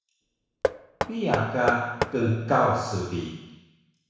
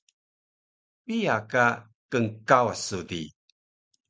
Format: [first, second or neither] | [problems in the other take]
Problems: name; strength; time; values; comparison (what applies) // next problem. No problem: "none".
second | background sound (Knock); 4 dB below the speech // room echo; dies away in 1.1 s